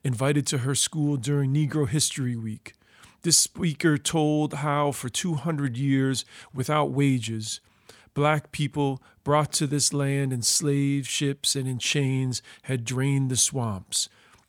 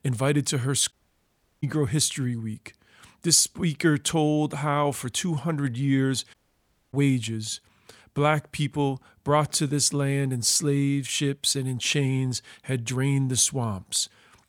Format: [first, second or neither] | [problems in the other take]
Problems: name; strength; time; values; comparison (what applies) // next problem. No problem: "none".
first | audio cutting out; at 1 s for 0.5 s and at 6.5 s for 0.5 s